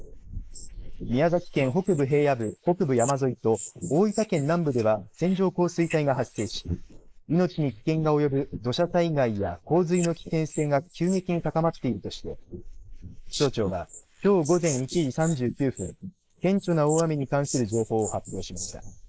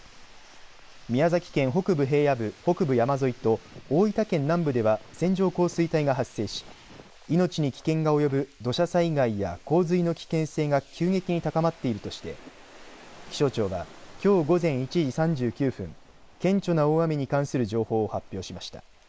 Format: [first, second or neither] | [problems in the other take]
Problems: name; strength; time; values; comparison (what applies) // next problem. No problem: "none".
second | noise reduction (neural mask model Resemble Enhance denoiser)